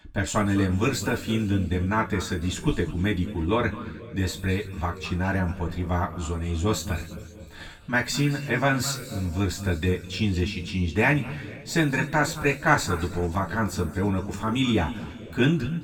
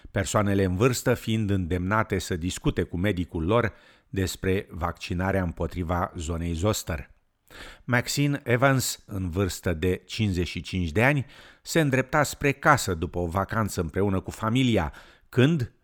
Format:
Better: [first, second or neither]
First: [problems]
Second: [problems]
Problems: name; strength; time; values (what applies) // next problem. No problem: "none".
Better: second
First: room echo; noticeable; dies away in 1.8 s // off-mic speech; somewhat distant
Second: none